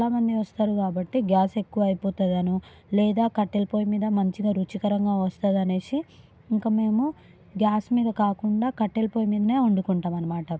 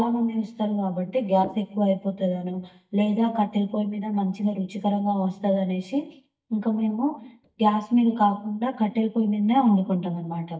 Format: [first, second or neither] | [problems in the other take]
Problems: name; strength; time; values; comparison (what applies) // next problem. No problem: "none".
first | noise reduction (neural mask model DeepFilterNet 3)